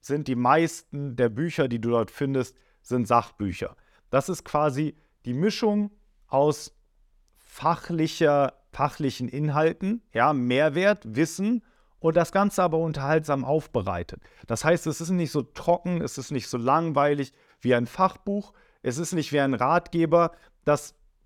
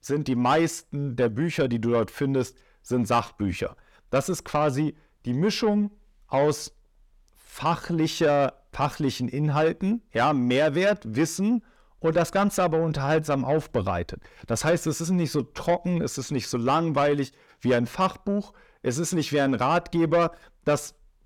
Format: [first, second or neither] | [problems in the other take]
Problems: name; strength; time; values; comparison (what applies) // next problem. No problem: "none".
first | distortion; slight; 10 dB below the speech